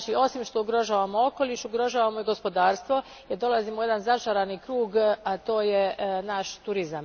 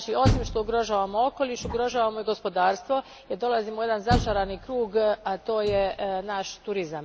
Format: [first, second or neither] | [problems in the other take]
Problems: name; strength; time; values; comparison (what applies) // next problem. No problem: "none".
first | background sound (Door); 7 dB below the speech